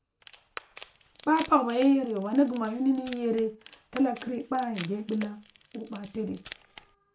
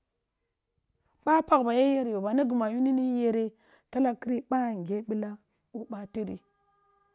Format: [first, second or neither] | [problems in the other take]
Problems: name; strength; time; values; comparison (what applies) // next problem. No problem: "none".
second | background sound (Wood); 19 dB below the speech // room echo; dies away in 0.2 s